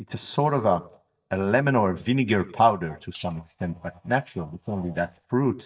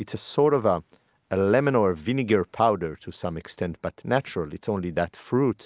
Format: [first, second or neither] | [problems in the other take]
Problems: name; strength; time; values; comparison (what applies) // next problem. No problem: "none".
second | noise reduction (neural mask model DeepFilterNet 3)